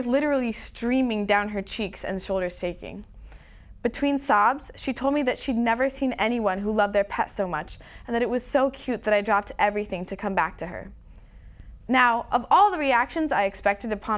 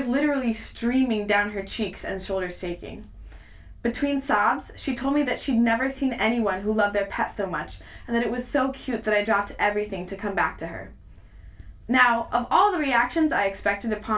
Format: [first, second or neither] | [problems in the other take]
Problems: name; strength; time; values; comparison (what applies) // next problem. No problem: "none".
first | room echo; dies away in 0.2 s